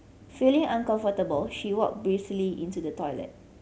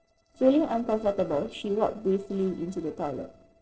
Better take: first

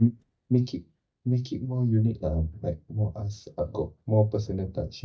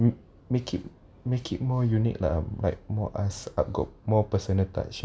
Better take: second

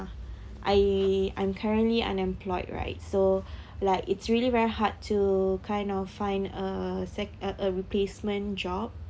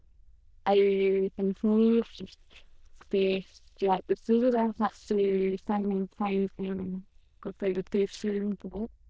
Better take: first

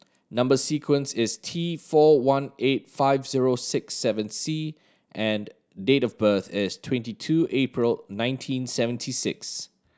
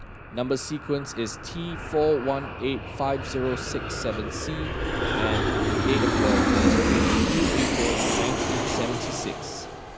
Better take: first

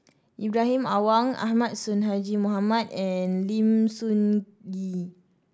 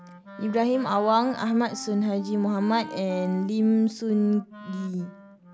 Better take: first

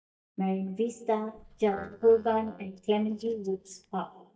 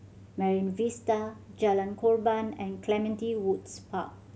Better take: second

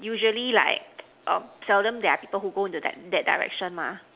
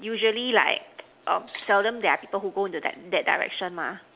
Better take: first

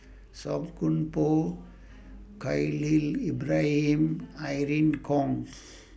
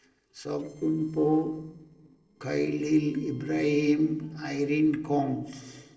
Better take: first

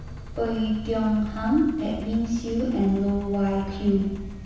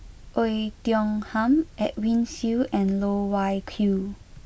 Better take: second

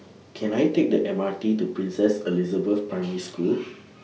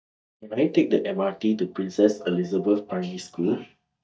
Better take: first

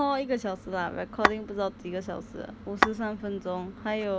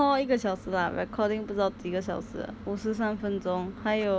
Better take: second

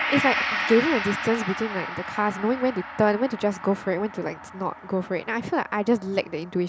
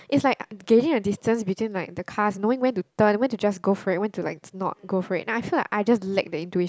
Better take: second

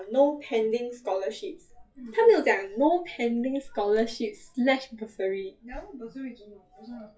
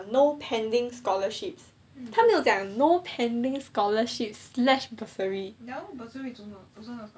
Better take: second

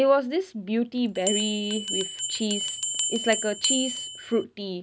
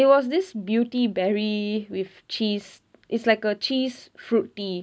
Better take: second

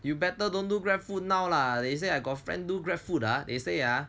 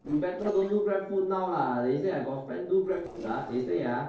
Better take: first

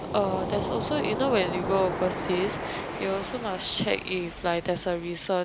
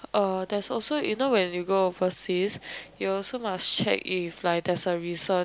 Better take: second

